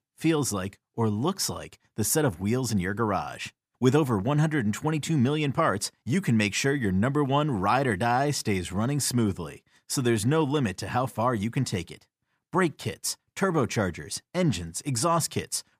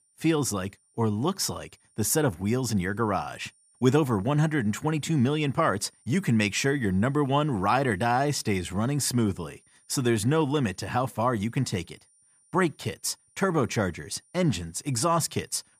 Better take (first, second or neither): first